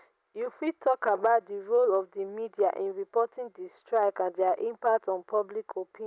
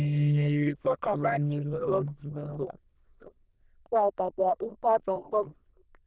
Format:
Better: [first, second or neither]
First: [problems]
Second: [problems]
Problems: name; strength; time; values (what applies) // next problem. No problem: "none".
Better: first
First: none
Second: noise reduction (neural diffusion model UNIVERSE++)